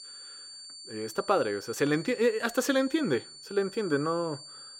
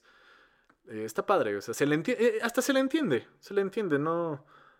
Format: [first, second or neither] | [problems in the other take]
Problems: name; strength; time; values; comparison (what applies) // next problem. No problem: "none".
second | high-pitched whine; noticeable; throughout; 4.5 kHz, 15 dB below the speech